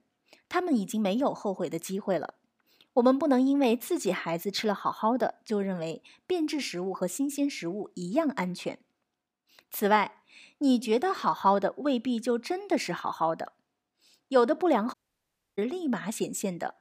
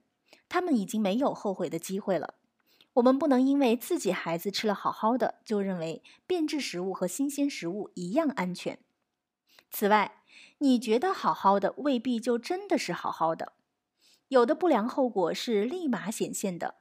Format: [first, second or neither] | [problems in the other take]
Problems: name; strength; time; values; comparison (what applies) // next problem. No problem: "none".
second | audio cutting out; at 15 s for 0.5 s